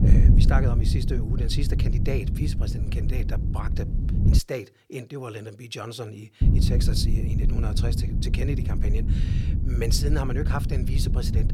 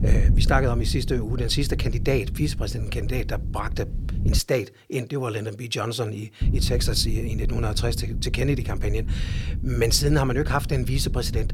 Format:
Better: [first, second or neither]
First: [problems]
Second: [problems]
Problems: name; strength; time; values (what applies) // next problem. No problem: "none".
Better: second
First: wind noise on the microphone; heavy; until 4.5 s and from 6.5 s on; 3 dB below the speech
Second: wind noise on the microphone; occasional gusts; until 4.5 s and from 6.5 s on; 15 dB below the speech